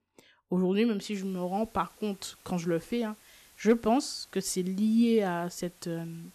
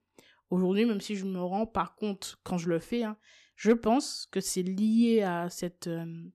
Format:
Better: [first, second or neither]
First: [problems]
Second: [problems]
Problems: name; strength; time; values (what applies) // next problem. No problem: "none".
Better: second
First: hiss; faint; from 1 s on; 25 dB below the speech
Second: none